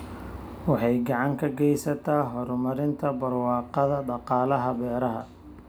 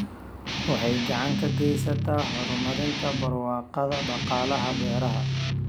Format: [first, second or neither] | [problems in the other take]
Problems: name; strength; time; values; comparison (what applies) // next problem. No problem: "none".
first | background sound (Guitar); as loud as the speech